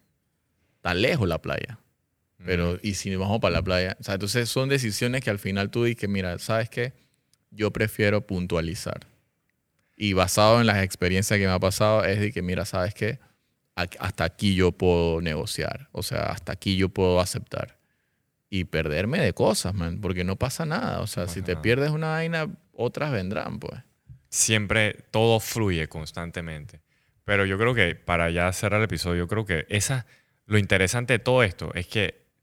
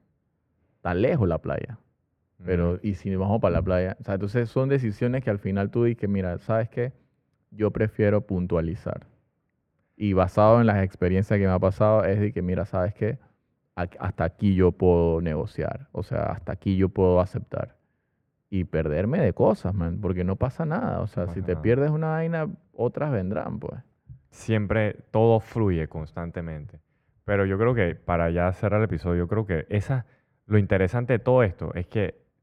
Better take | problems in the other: first | muffled; very; fading above 2.5 kHz

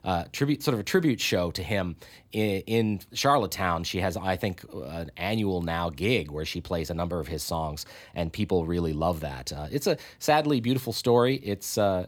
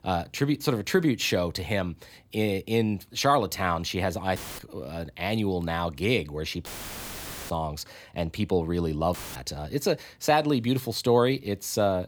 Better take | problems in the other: first | audio cutting out; filled with static; at 4.5 s, at 6.5 s for 1 s and at 9 s

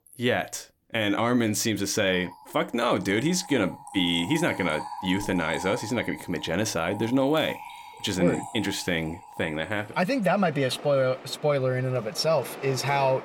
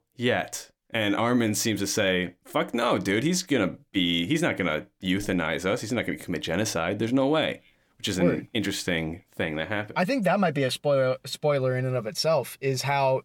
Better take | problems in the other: second | rain or running water; noticeable; throughout; 15 dB below the speech

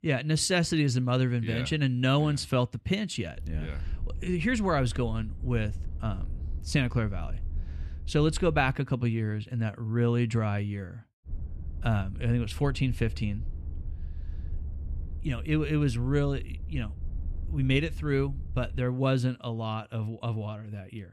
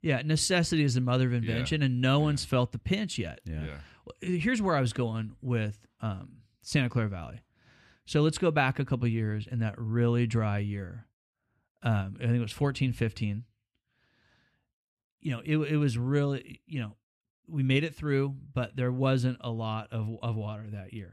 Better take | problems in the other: second | low rumble; faint; from 3.5 to 8.5 s and from 11 to 19 s; 25 dB below the speech

